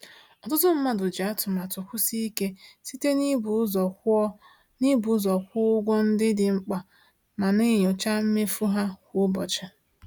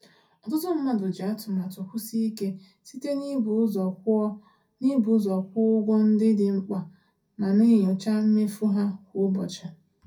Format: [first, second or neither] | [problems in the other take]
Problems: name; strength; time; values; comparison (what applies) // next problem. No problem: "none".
first | room echo; dies away in 0.3 s